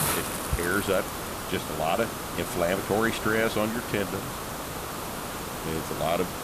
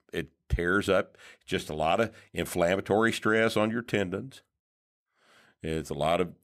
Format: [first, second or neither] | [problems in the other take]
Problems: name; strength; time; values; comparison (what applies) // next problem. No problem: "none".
second | hiss; loud; throughout; 4 dB below the speech